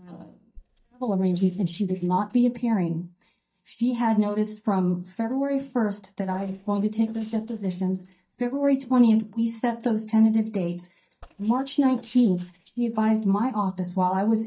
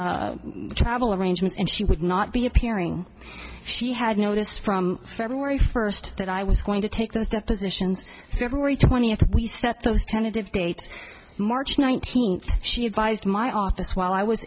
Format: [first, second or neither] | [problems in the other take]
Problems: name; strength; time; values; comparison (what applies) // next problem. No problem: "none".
second | noise reduction (neural mask model DeepFilterNet 3)